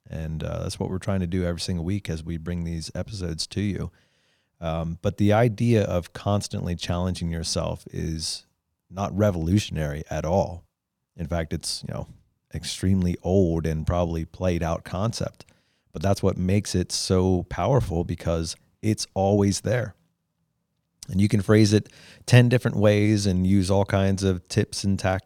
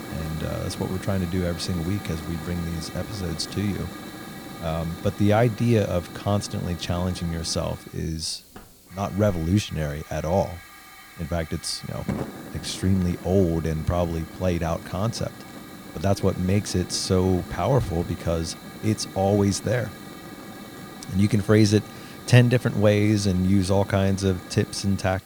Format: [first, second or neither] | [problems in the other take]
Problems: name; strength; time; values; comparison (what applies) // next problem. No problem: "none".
first | hiss; noticeable; throughout; 15 dB below the speech